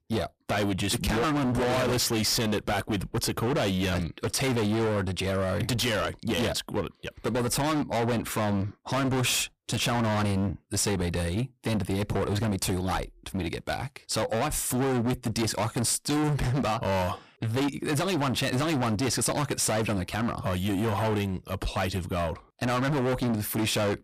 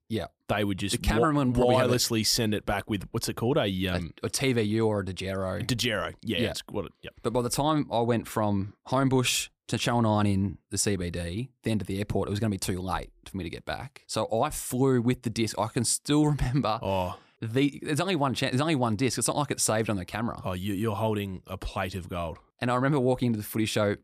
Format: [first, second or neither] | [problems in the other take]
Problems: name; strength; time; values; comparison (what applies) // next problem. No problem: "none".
second | distortion; heavy; 29% of the sound clipped